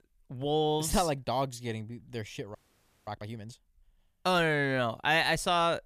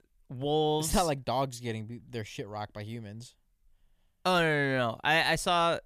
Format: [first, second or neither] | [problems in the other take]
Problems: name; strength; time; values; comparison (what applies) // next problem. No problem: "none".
second | audio freezing; at 2.5 s for 0.5 s